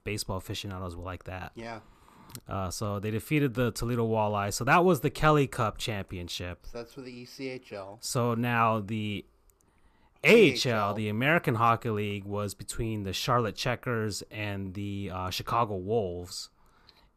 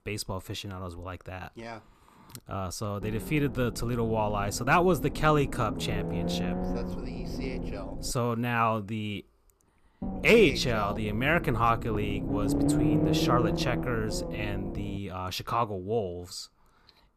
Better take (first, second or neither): first